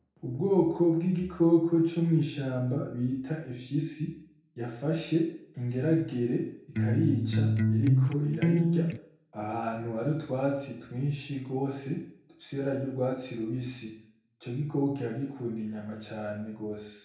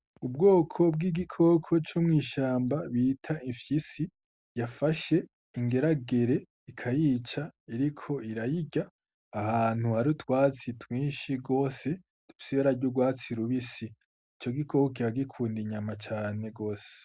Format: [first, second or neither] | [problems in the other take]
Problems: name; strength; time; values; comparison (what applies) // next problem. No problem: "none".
second | background sound (Electric guitar); 5 dB above the speech // room echo; dies away in 0.5 s